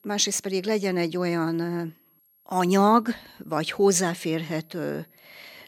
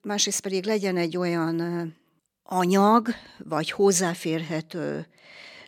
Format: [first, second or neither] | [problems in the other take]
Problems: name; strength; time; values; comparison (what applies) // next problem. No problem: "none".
second | high-pitched whine; faint; throughout; 11.5 kHz, 35 dB below the speech